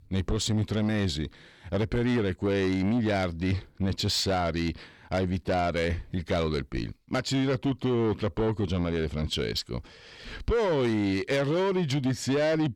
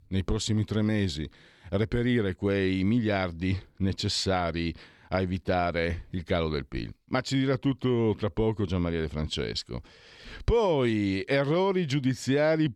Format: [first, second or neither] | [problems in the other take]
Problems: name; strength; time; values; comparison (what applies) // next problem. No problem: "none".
second | distortion; slight; 10 dB below the speech